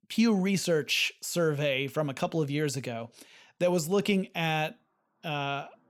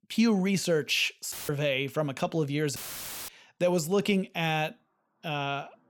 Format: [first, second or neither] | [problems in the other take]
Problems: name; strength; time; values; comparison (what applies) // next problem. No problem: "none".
first | audio cutting out; filled with static; at 1.5 s and at 3 s for 0.5 s